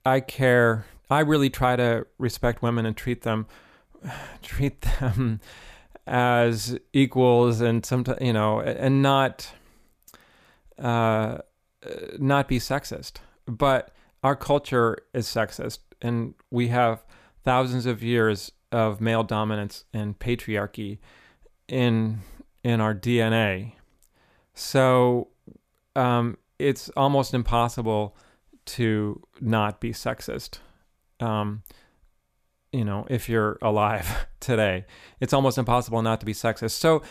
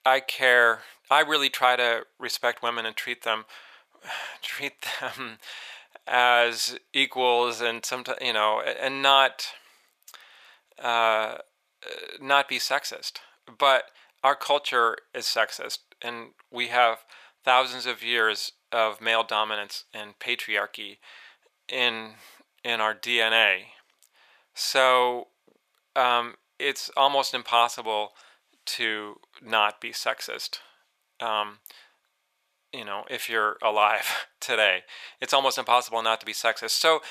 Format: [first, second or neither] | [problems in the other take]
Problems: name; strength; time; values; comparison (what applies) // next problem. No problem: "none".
first | thin; very; fading below 750 Hz